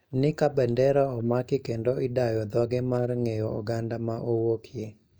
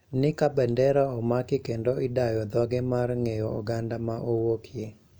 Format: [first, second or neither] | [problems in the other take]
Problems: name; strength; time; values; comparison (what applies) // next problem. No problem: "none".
second | noise reduction (neural mask model DeepFilterNet 3)